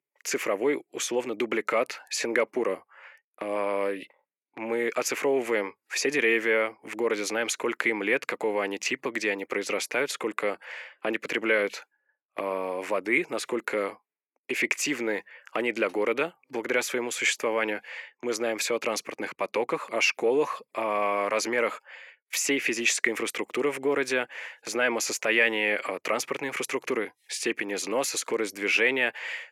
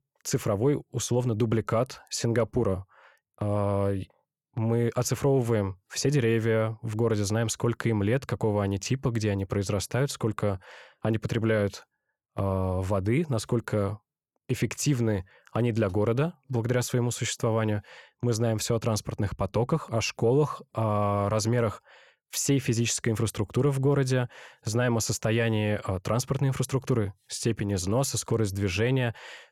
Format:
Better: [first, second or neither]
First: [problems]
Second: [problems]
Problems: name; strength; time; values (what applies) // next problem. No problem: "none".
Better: second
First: thin; somewhat; fading below 300 Hz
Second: none